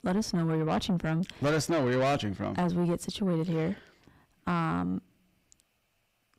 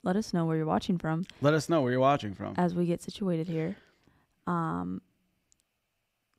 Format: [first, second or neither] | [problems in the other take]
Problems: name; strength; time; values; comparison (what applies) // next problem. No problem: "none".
second | distortion; heavy; 7 dB below the speech